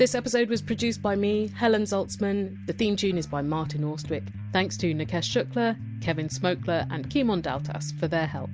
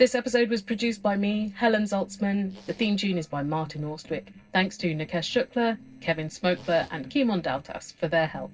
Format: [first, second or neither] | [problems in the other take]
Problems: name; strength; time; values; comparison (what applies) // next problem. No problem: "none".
first | noise reduction (neural separator model SepFormer DNS4)